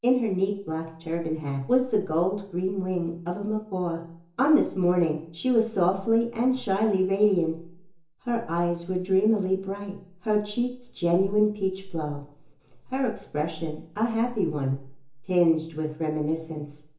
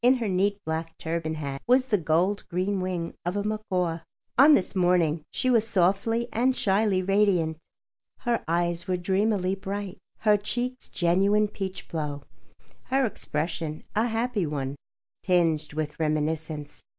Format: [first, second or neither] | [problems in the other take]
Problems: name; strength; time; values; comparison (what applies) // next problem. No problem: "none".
second | room echo; dies away in 0.7 s